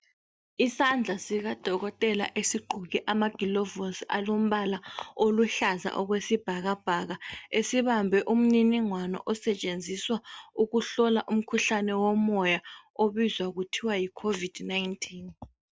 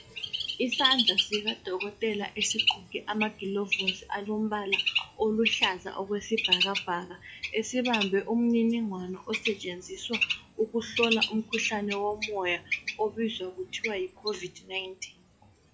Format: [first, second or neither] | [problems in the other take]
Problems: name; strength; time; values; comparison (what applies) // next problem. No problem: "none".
first | noise reduction (classical method log-MMSE)